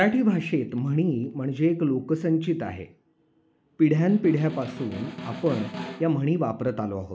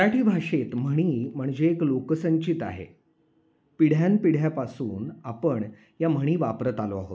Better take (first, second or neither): second